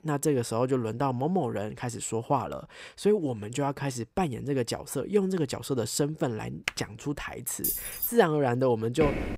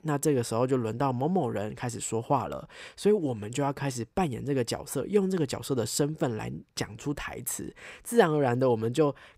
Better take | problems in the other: second | keyboard typing; very faint; at 6.5 s; peak 6 dB below the speech // jangling keys; noticeable; at 7.5 s; peak level with the speech // footsteps; very faint; at 9 s; peak 3 dB below the speech

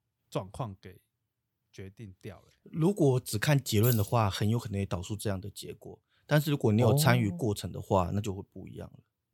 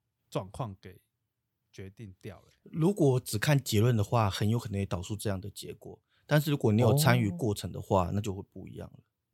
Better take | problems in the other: second | jangling keys; noticeable; at 4 s; peak 6 dB below the speech

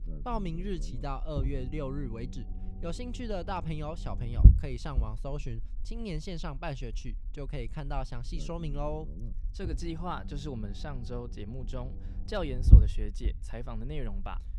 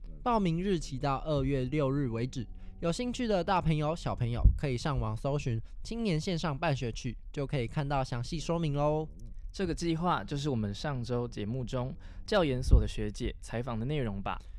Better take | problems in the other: second | low rumble; loud; throughout; 7 dB below the speech; faint in the second

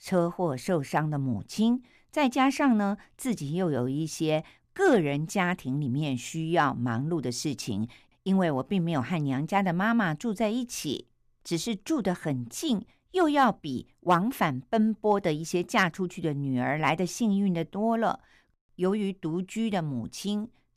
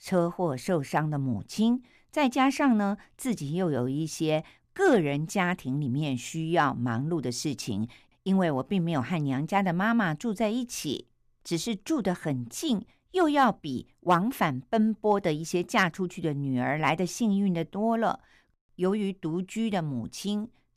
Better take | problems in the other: neither | none

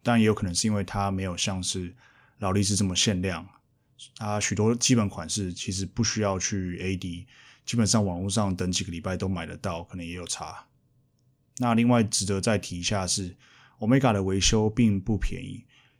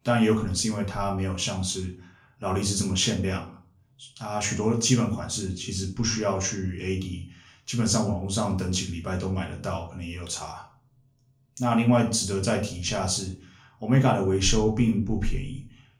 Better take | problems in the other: first | room echo; slight; dies away in 0.4 s // off-mic speech; far

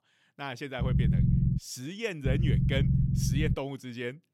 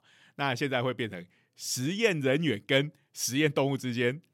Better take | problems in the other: second | low rumble; loud; at 1 s and from 2.5 to 3.5 s; 2 dB below the speech

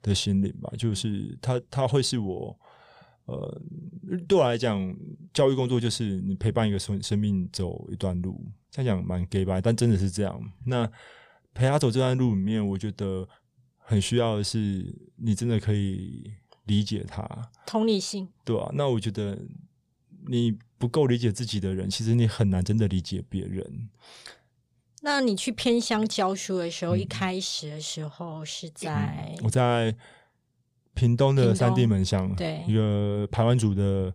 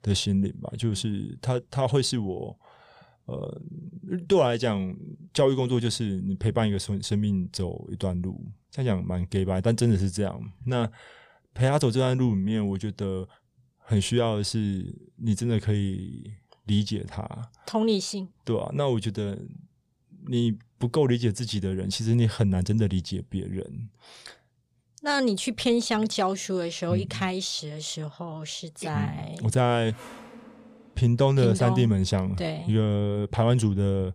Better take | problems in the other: first | traffic noise; faint; throughout; 25 dB below the speech

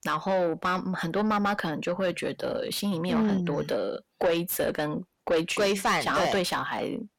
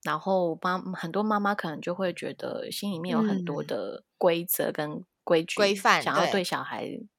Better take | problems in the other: second | distortion; heavy; 8 dB below the speech

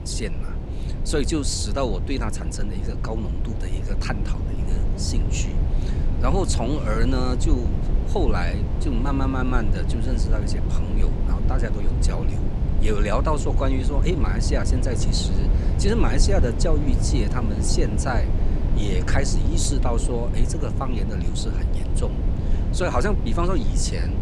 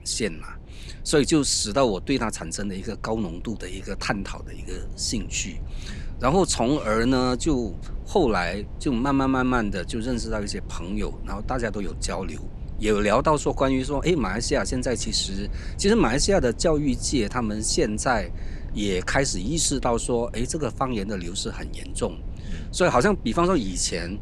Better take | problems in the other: second | low rumble; loud; throughout; 7 dB below the speech; faint in the second

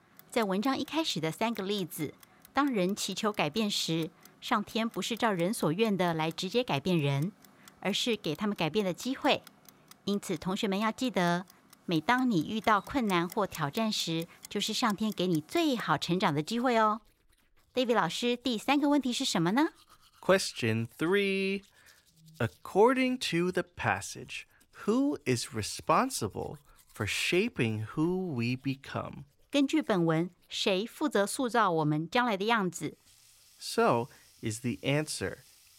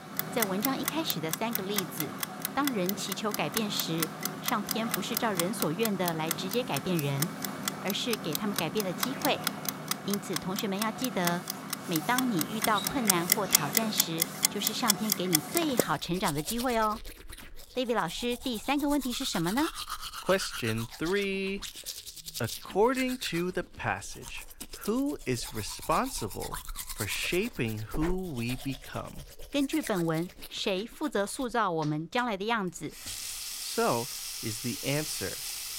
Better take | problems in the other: first | household noises; loud; throughout; 1 dB below the speech; faint in the first

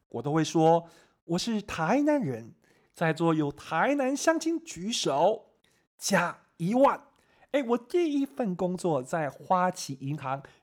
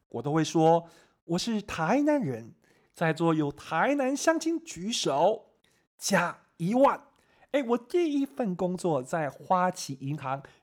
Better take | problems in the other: neither | none

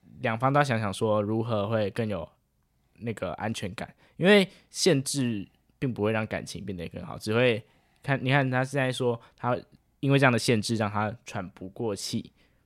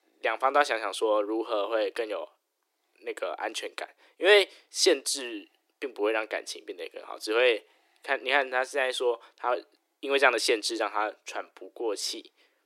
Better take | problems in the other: first | thin; very; fading below 300 Hz

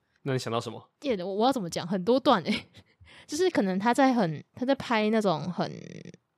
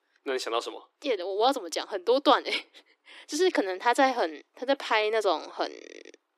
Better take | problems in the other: first | thin; somewhat; fading below 300 Hz

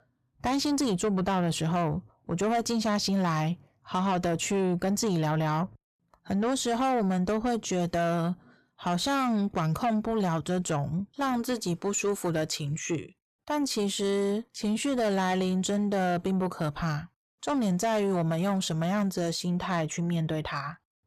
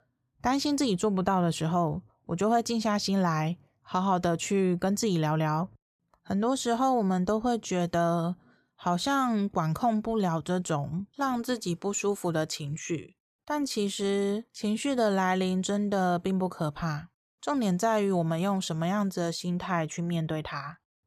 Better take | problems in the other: second | distortion; slight; 10 dB below the speech

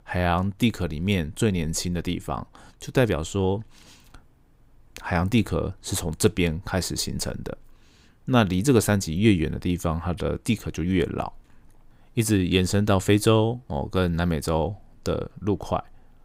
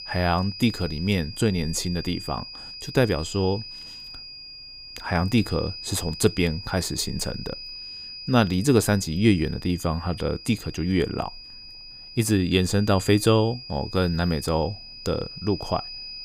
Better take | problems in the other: first | high-pitched whine; noticeable; throughout; 5 kHz, 10 dB below the speech

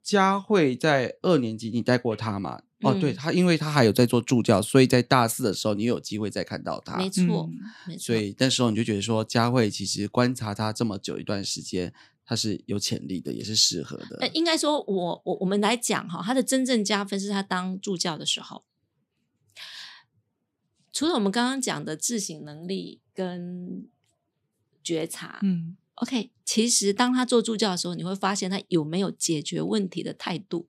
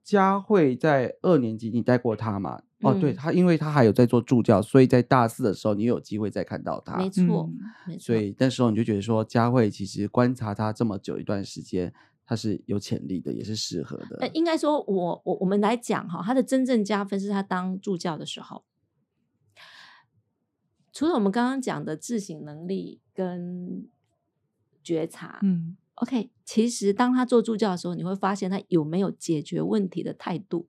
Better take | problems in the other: first | muffled; slightly; fading above 2 kHz

